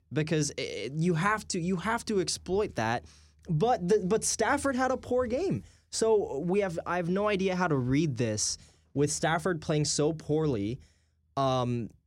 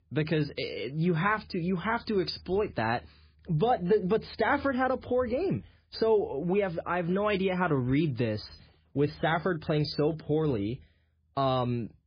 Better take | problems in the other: first | garbled, watery; badly; nothing above 5 kHz

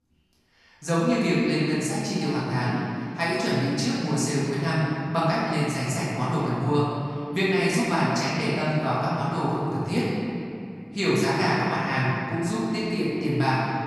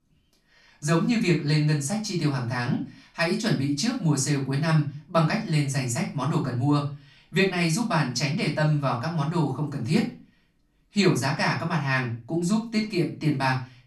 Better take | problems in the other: second | room echo; strong; dies away in 2.5 s; slight in the second // off-mic speech; far; far in the second

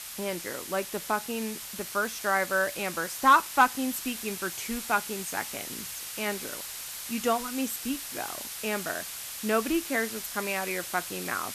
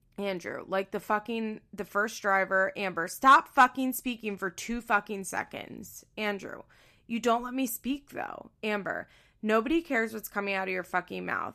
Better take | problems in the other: second | hiss; loud; throughout; 6 dB below the speech

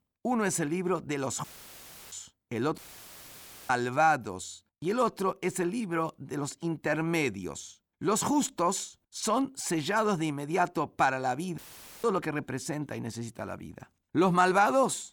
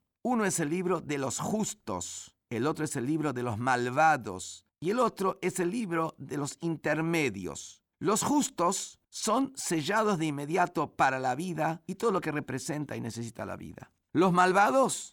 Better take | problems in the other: second | audio cutting out; filled with static; at 1.5 s for 0.5 s, at 3 s for 1 s and at 12 s

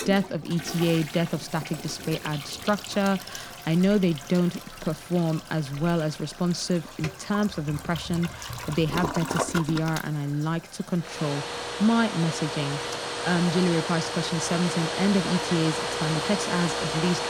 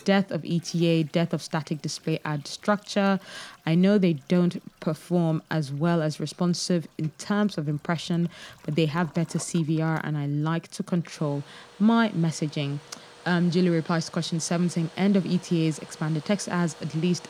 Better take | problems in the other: second | household noises; loud; throughout; 5 dB below the speech; faint in the second

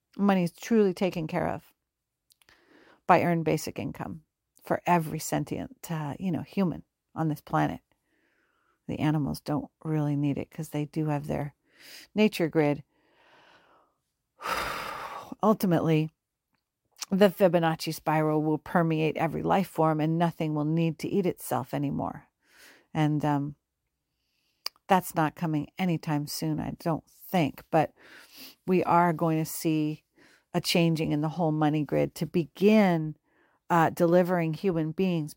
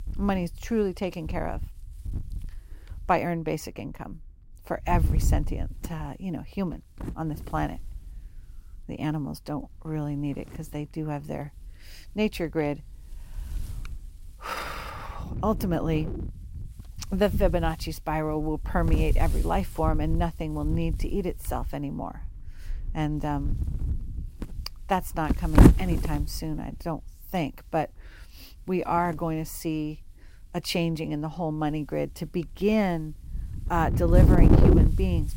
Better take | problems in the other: first | wind noise on the microphone; heavy; 2 dB below the speech

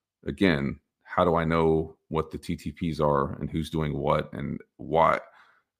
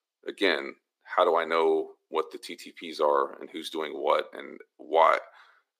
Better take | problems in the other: first | thin; very; fading below 350 Hz

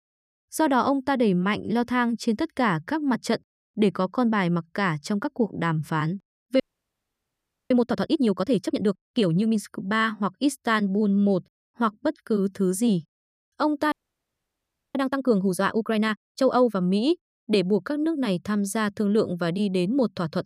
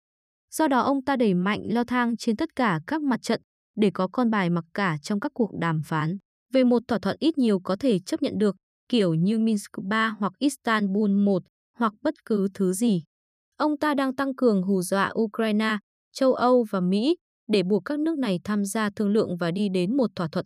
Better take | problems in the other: second | audio freezing; at 6.5 s for 1 s and at 14 s for 1 s

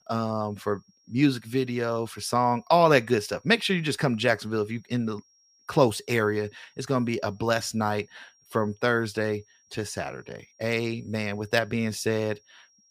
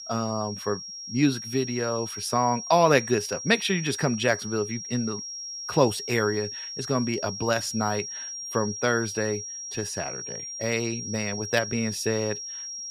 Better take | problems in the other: first | high-pitched whine; loud; throughout; 5.5 kHz, 7 dB below the speech; faint in the first

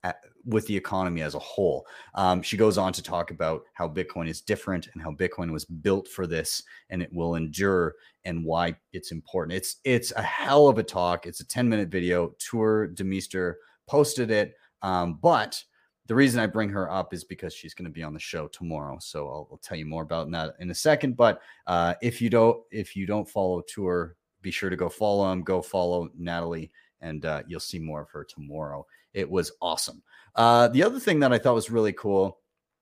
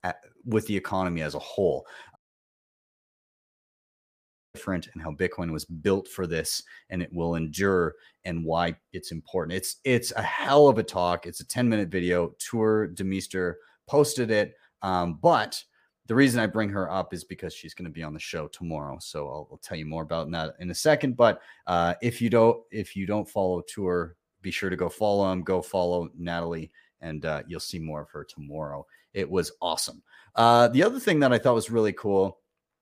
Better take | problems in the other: first | audio cutting out; at 2 s for 2.5 s

